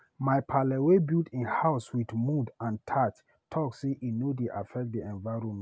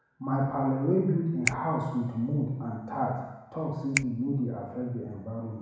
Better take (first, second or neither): first